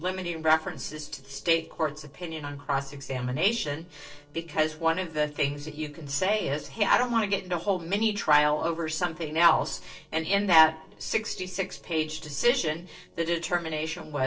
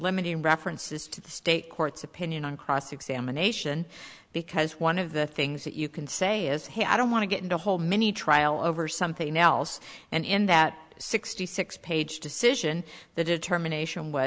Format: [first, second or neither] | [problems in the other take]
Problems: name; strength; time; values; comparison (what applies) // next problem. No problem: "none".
second | noise reduction (neural separator model SepFormer DNS4)